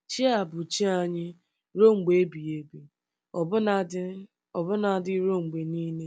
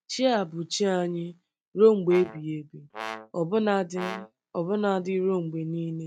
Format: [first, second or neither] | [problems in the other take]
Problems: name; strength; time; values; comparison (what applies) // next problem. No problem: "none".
first | noise reduction (neural mask model RNNoise)